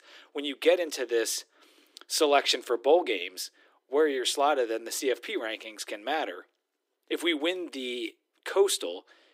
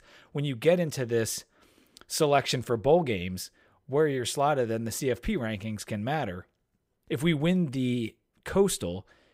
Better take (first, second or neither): second